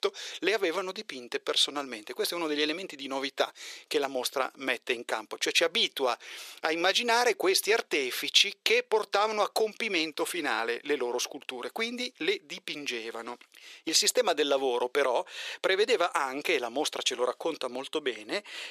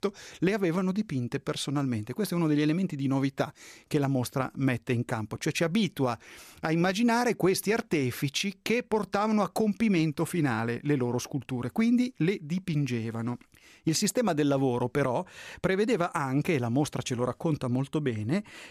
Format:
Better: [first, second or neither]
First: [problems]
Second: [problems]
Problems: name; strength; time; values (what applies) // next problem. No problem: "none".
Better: second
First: thin; very; fading below 400 Hz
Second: none